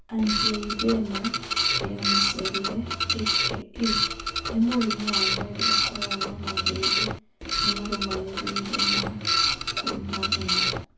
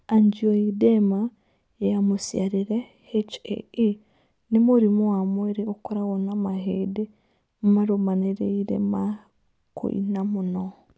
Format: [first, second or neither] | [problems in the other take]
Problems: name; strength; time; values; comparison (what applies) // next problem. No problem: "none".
second | background sound (Printer); 4 dB above the speech // room echo; dies away in 0.3 s